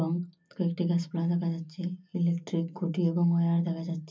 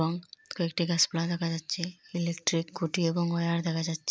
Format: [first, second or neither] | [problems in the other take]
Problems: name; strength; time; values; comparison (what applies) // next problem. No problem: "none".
second | room echo; dies away in 0.3 s